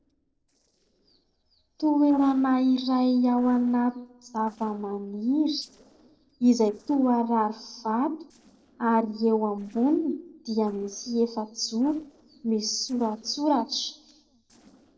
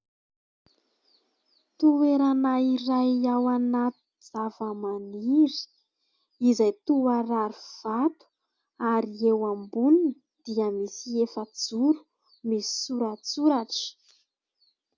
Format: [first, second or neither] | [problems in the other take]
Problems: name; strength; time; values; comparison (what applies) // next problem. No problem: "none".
second | noise reduction (neural separator model SepFormer DNS4)